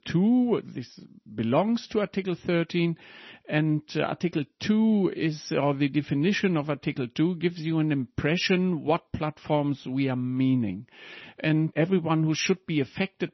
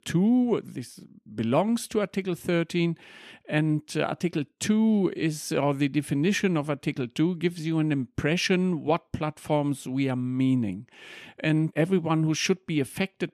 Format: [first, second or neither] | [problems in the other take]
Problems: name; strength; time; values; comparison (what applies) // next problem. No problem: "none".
second | garbled, watery; slightly; nothing above 6 kHz